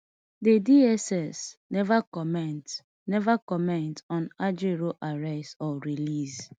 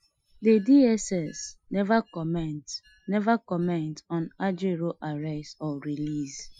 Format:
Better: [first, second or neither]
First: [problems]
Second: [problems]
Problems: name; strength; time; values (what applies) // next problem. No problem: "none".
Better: first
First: none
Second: noise reduction (classical method Wiener filter)